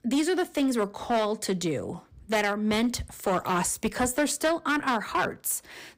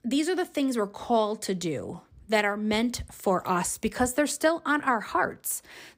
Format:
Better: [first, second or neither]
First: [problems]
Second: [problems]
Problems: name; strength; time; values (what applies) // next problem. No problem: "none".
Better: second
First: distortion; slight; 8% of the sound clipped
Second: none